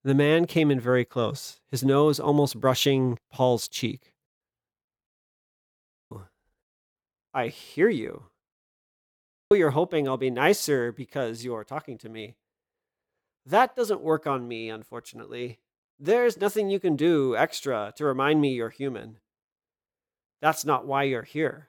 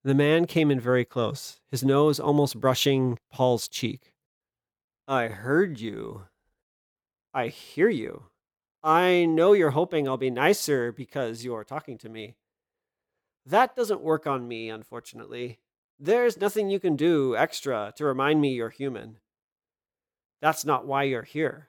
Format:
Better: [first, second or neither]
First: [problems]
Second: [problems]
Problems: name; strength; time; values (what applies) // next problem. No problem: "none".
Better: second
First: audio cutting out; at 5 s for 1 s and at 8.5 s for 1 s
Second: none